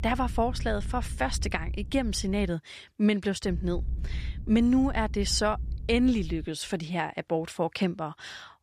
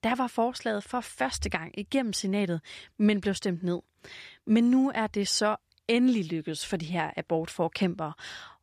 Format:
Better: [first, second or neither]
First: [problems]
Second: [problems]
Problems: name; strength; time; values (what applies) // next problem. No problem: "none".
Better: second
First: low rumble; faint; until 2.5 s and from 3.5 to 6.5 s; 25 dB below the speech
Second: none